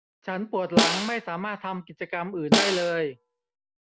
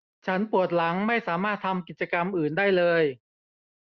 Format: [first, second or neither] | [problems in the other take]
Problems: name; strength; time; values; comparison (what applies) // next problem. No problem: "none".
second | background sound (Snare drum); 3 dB above the speech